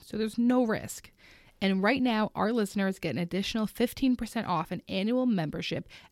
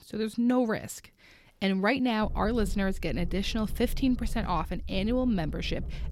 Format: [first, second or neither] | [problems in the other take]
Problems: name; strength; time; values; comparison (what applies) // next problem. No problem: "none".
first | low rumble; faint; from 2 s on; 20 dB below the speech